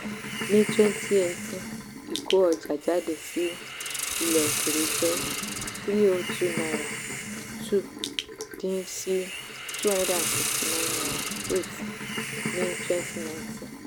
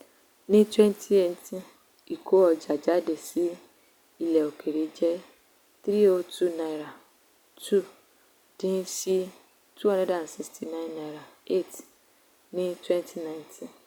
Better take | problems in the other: second | background sound (Hiss); 3 dB below the speech

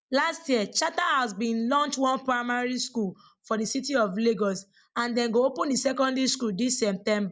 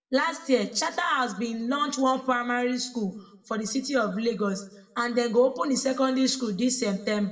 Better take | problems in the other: first | room echo; dies away in 0.7 s

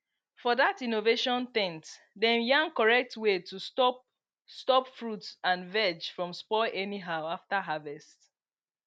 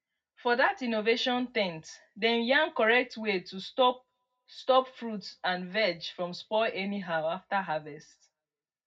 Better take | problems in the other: first | room echo; dies away in 0.4 s

